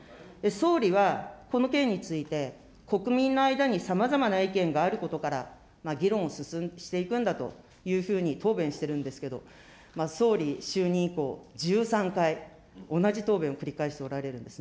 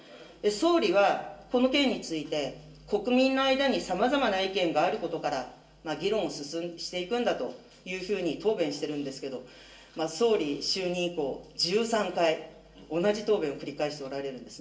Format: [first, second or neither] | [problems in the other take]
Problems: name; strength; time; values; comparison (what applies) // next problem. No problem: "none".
first | room echo; dies away in 0.2 s